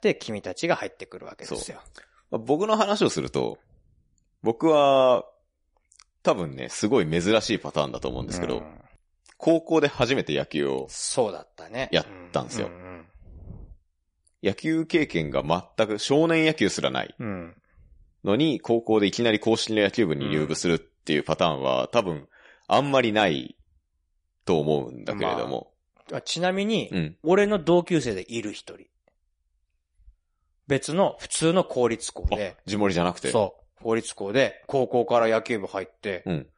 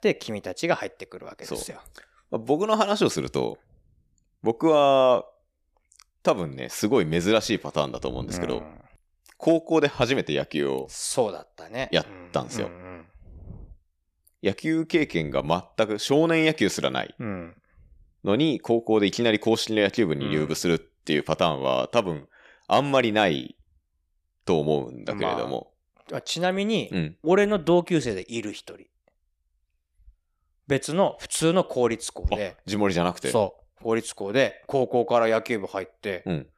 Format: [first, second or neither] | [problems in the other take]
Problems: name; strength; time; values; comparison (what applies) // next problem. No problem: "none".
second | garbled, watery; slightly; nothing above 10.5 kHz